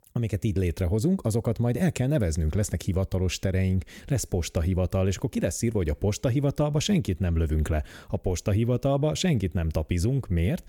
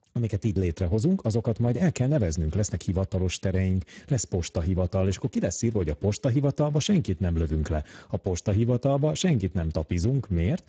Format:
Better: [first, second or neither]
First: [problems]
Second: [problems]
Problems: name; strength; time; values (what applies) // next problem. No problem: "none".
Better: first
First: none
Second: garbled, watery; badly; nothing above 7.5 kHz